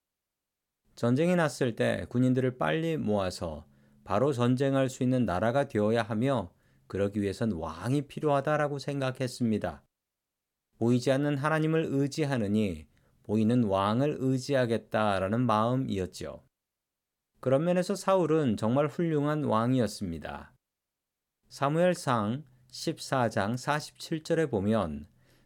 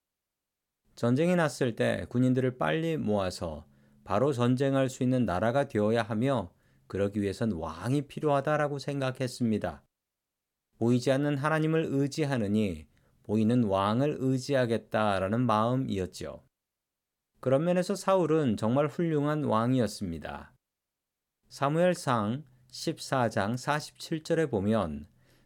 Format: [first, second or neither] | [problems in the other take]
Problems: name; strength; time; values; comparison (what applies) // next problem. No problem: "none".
neither | none